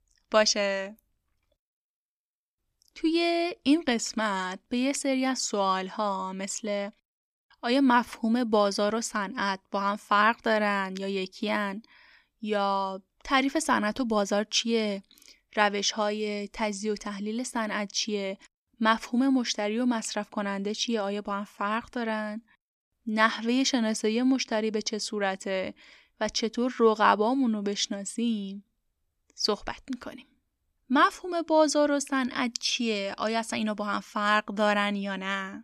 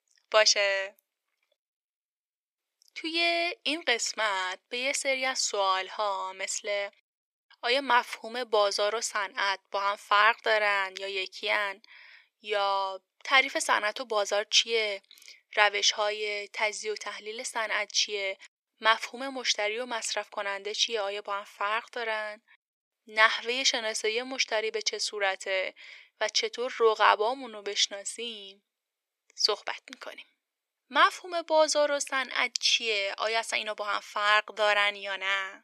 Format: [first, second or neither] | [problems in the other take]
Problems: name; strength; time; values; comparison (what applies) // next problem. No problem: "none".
first | thin; very; fading below 450 Hz